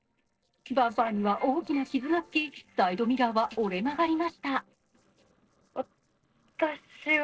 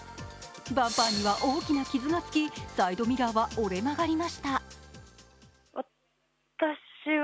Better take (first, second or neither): second